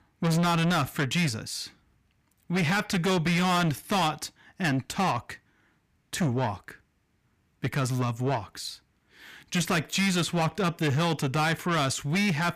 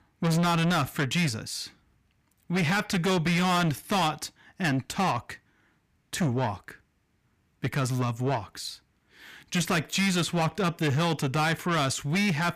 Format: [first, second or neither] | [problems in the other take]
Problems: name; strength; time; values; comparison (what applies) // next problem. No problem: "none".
neither | distortion; heavy; 7 dB below the speech; the same in both